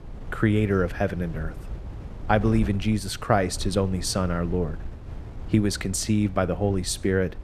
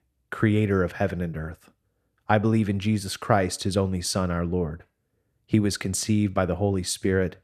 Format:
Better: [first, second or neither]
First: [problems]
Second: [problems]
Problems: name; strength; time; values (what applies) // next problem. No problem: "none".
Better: second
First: wind noise on the microphone; occasional gusts; 20 dB below the speech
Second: none